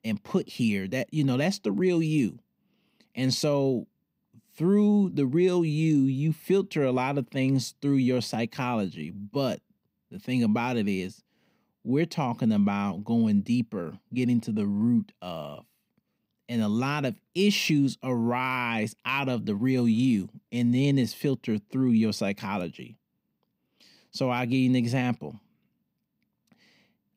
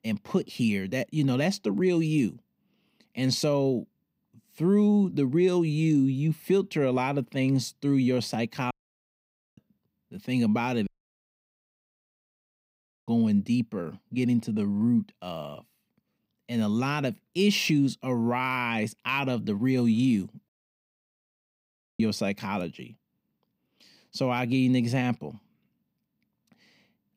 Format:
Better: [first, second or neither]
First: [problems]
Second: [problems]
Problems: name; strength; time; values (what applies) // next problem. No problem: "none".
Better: first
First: none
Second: audio cutting out; at 8.5 s for 1 s, at 11 s for 2 s and at 20 s for 1.5 s